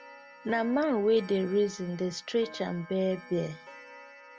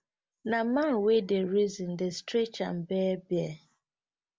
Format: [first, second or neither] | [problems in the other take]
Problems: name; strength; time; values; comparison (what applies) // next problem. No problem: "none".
second | background sound (Clock); 18 dB below the speech